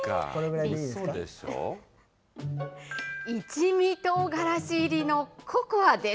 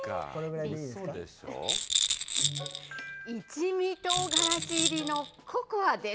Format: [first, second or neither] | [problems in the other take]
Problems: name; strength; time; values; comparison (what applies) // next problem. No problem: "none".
first | background sound (Rattle); 2 dB above the speech